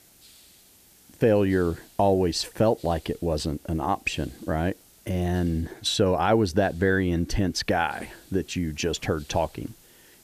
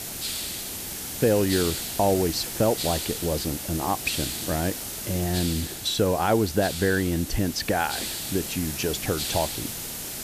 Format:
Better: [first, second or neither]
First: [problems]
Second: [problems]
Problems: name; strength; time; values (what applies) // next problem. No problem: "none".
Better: first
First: hiss; faint; throughout; 25 dB below the speech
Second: hiss; loud; throughout; 4 dB below the speech